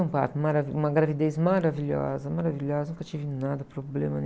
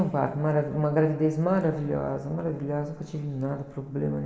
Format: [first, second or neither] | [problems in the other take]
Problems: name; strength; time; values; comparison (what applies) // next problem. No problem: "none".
first | room echo; dies away in 2.1 s